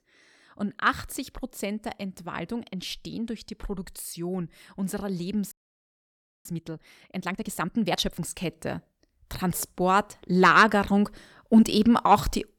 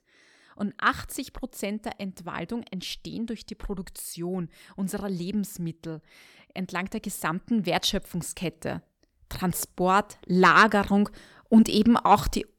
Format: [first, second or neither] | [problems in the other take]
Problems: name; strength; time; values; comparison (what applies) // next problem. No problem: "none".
second | audio freezing; at 5.5 s for 1 s